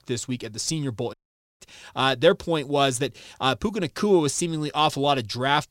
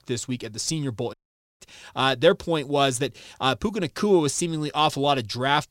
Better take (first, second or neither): neither